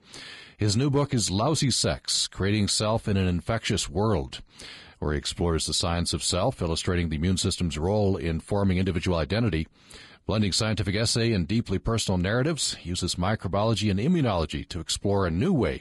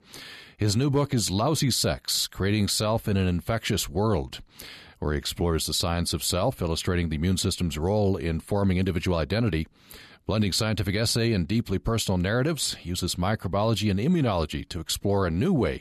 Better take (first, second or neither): second